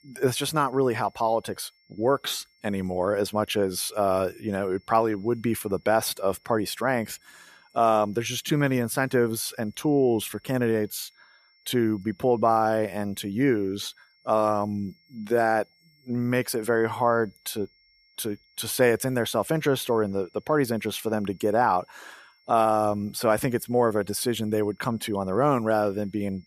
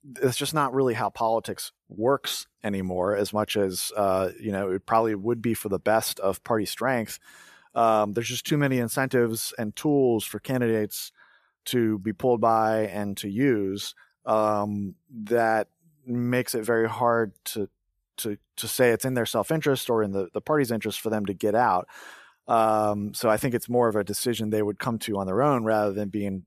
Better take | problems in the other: second | high-pitched whine; faint; throughout; 5.5 kHz, 35 dB below the speech

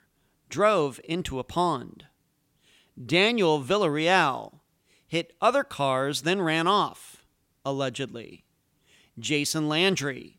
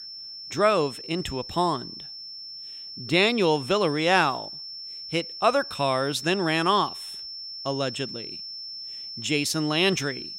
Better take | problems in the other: first | high-pitched whine; noticeable; throughout; 5.5 kHz, 10 dB below the speech

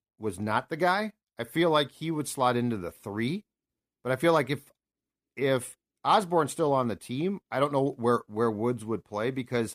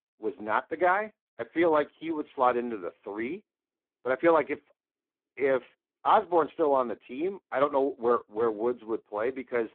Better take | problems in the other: first | phone-call audio; poor line

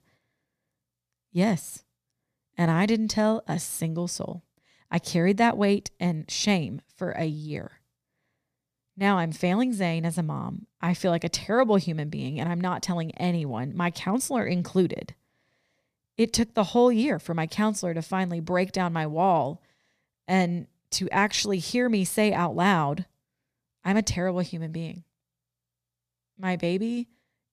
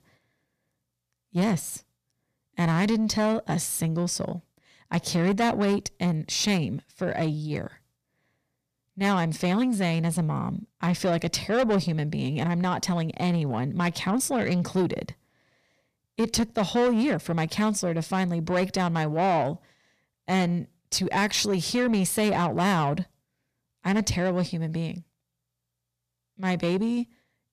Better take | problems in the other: first | distortion; slight; 10 dB below the speech

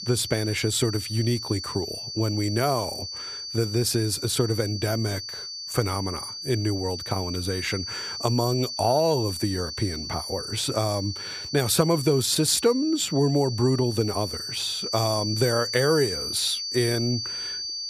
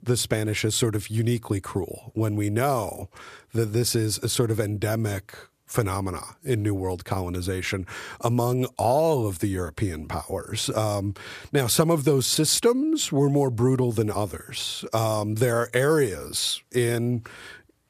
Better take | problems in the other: second | high-pitched whine; loud; throughout; 4.5 kHz, 6 dB below the speech

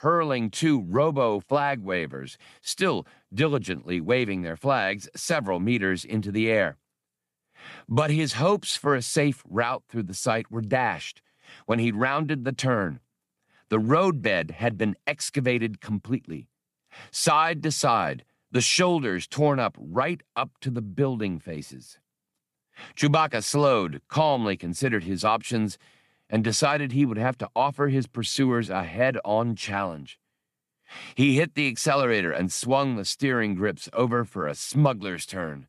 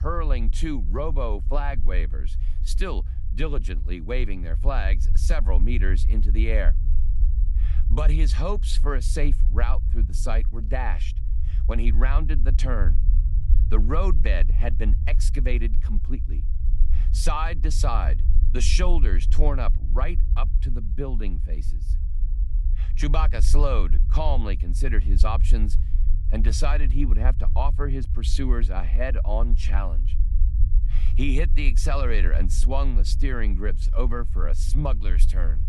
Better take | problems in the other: first | low rumble; noticeable; throughout; 15 dB below the speech

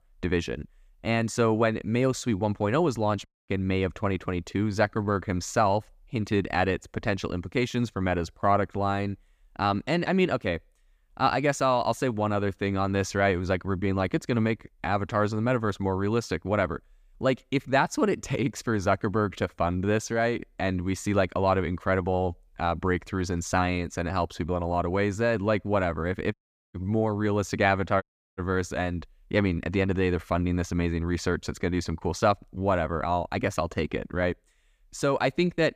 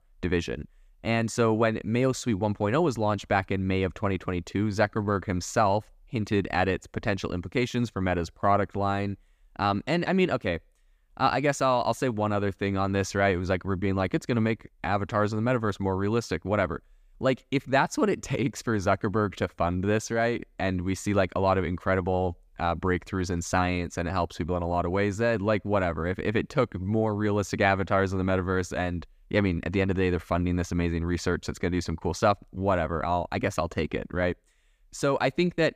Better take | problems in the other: second | audio cutting out; at 3.5 s, at 26 s and at 28 s

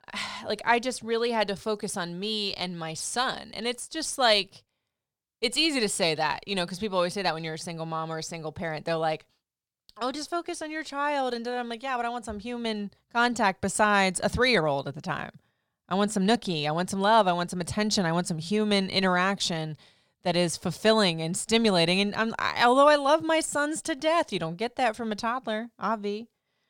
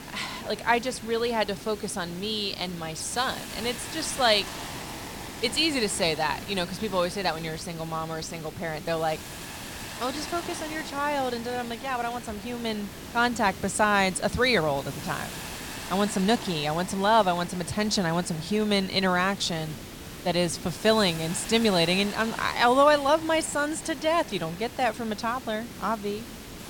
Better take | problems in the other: first | hiss; noticeable; throughout; 10 dB below the speech

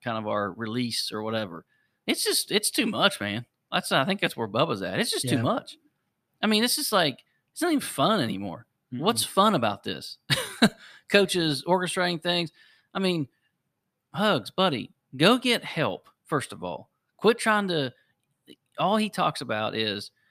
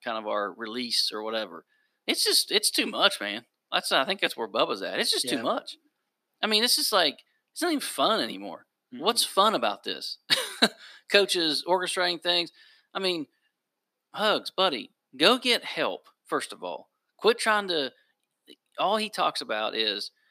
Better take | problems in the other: first | thin; very slightly; fading below 300 Hz

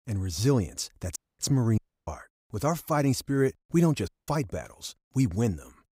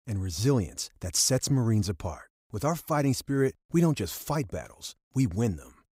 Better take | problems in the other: second | audio cutting out; at 1 s, at 2 s and at 4 s

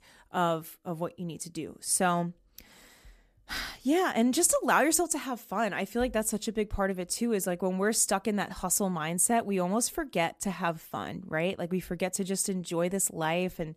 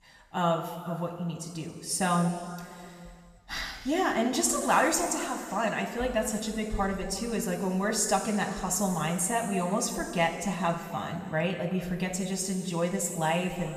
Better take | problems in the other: first | room echo; noticeable; dies away in 2.2 s // off-mic speech; somewhat distant

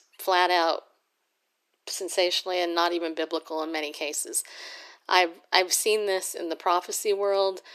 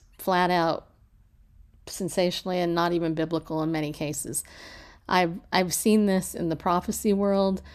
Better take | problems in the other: second | thin; very; fading below 350 Hz

